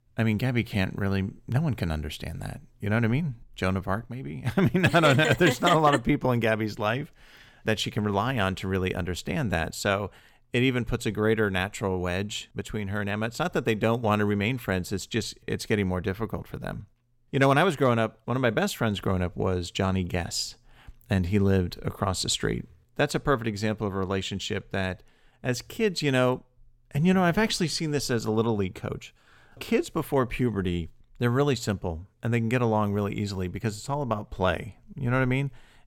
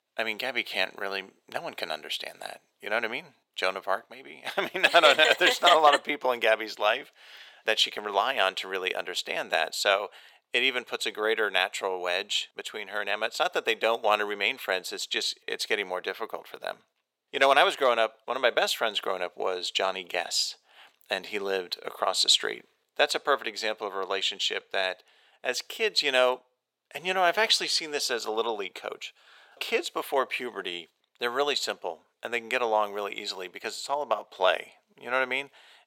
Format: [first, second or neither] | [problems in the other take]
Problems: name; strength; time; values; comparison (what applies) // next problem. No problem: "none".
first | thin; very; fading below 450 Hz